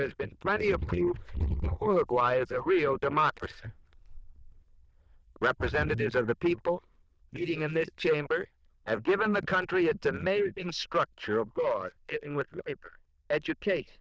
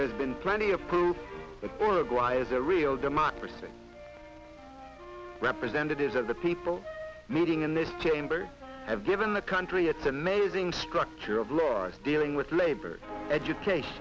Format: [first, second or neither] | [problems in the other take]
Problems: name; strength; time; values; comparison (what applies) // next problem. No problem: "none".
second | noise reduction (neural diffusion model UNIVERSE++)